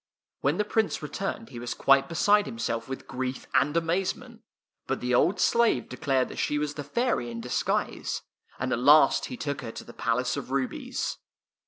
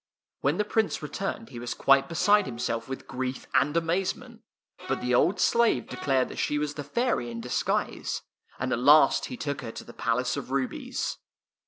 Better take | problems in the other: first | background sound (Bowed string instrument); 14 dB below the speech

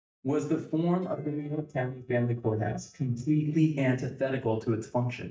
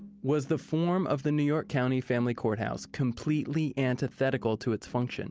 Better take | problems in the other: second | noise reduction (neural mask model DeepFilterNet 3)

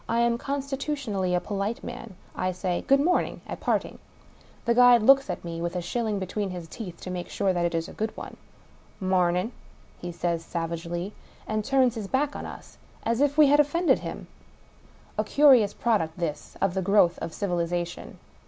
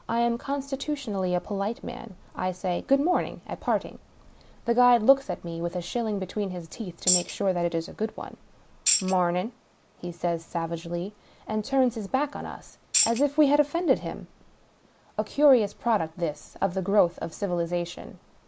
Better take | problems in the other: first | noise reduction (neural mask model Resemble Enhance denoiser)

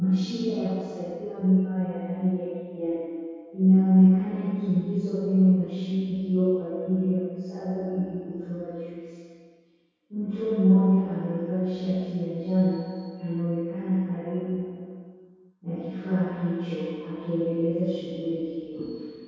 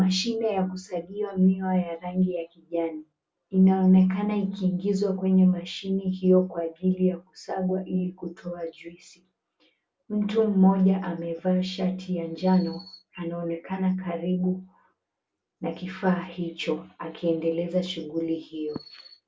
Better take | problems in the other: second | room echo; dies away in 2 s

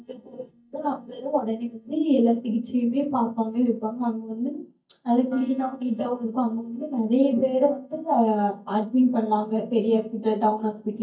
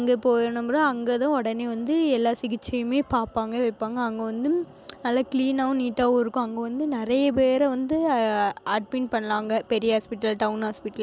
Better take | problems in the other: second | noise reduction (neural mask model DeepFilterNet 3)

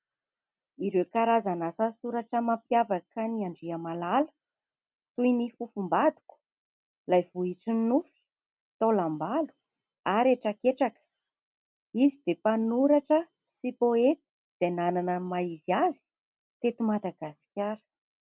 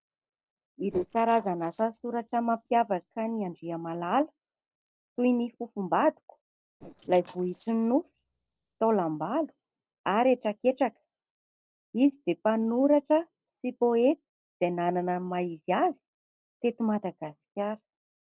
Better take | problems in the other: first | noise reduction (neural separator model SepFormer DNS4)

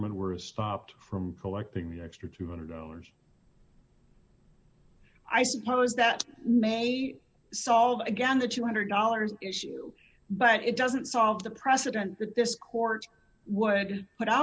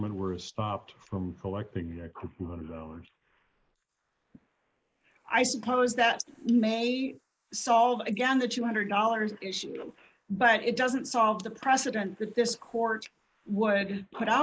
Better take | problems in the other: first | noise reduction (neural mask model Resemble Enhance denoiser)

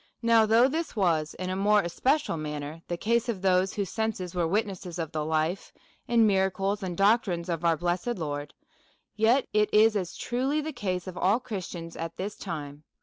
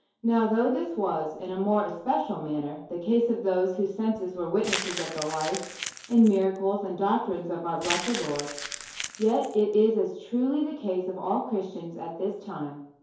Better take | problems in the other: first | background sound (Crumpling, crinkling); 10 dB below the speech // room echo; dies away in 2.4 s

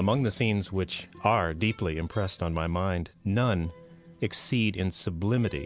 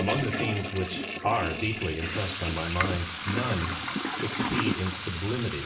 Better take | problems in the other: first | background sound (Toilet flush / Water tap, faucet); 2 dB below the speech // room echo; dies away in 0.6 s

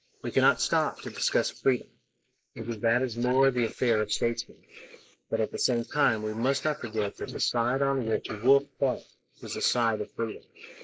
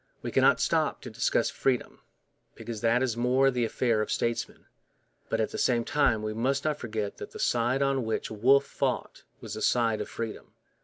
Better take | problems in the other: second | noise reduction (neural mask model Resemble Enhance denoiser)

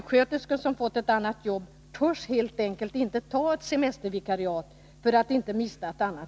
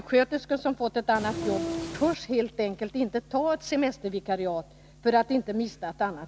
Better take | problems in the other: first | background sound (Train); 5 dB below the speech

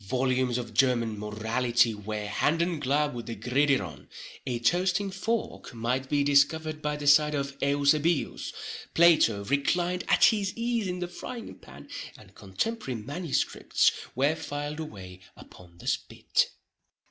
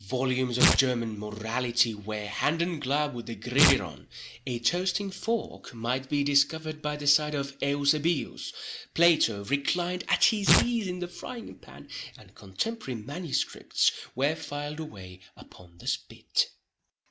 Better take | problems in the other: first | background sound (Tearing); 1 dB below the speech

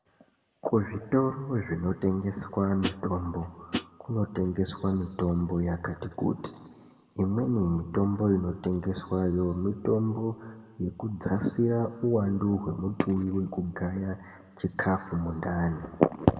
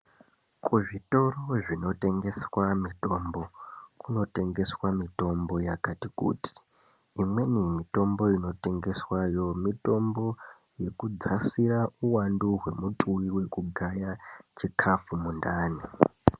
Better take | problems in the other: second | background sound (Hi-hat); 5 dB below the speech // room echo; dies away in 1.2 s

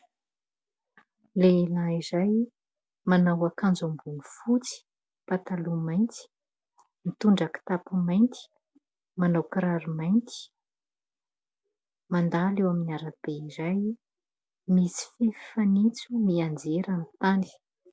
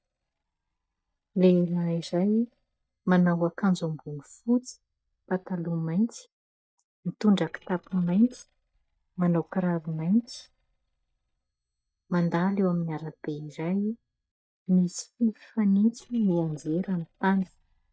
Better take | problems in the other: first | noise reduction (neural mask model DeepFilterNet 3)

